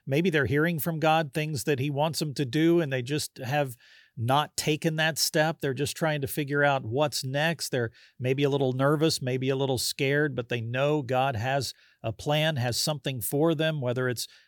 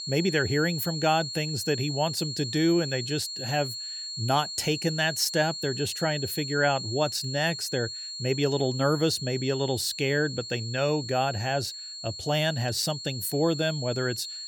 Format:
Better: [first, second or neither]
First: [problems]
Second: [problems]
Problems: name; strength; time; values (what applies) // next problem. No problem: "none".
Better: first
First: none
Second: high-pitched whine; loud; throughout; 4.5 kHz, 7 dB below the speech